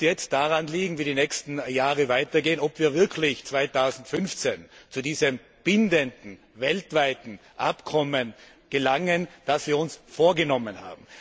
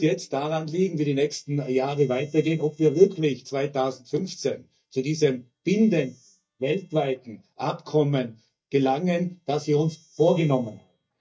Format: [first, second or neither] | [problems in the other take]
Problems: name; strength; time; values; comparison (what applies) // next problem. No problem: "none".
first | noise reduction (neural mask model DeepFilterNet 3)